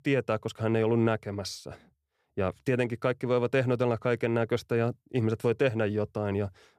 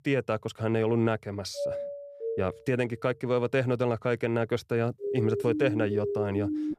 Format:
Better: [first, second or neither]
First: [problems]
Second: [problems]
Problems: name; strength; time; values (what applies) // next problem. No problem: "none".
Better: first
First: none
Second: doorbell; noticeable; from 1.5 to 2.5 s; peak 4 dB below the speech // siren; noticeable; from 5 s on; peak 2 dB below the speech